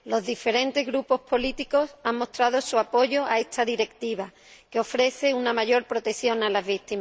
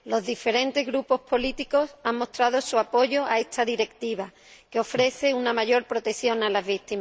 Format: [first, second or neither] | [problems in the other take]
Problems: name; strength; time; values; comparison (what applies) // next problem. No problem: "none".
first | background sound (Breathing); 17 dB below the speech